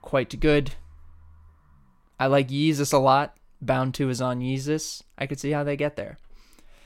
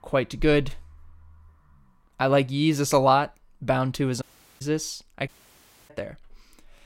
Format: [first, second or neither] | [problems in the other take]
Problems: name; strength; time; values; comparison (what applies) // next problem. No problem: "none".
first | audio cutting out; at 4 s and at 5.5 s for 0.5 s